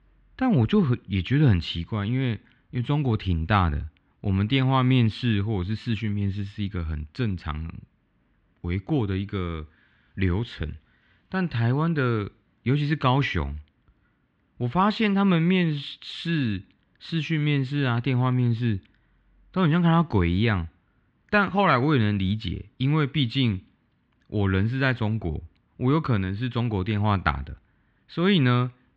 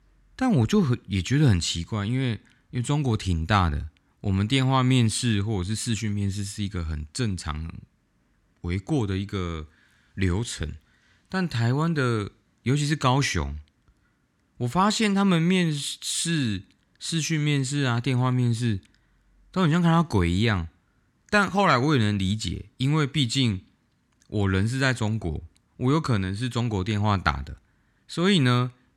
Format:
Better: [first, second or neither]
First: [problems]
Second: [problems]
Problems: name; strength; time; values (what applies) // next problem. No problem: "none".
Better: second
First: muffled; slightly; fading above 3 kHz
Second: none